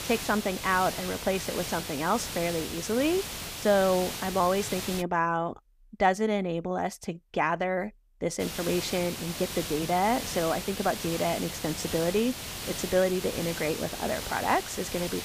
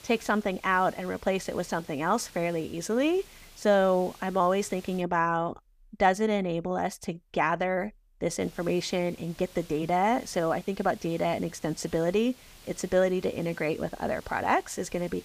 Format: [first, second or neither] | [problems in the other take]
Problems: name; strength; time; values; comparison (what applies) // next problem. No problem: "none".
second | hiss; loud; until 5 s and from 8.5 s on; 6 dB below the speech; faint in the second